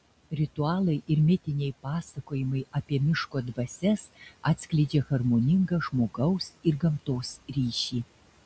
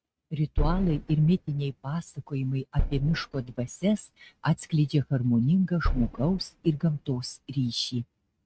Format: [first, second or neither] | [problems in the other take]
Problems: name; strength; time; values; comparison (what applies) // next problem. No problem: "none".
first | noise reduction (neural mask model RNNoise)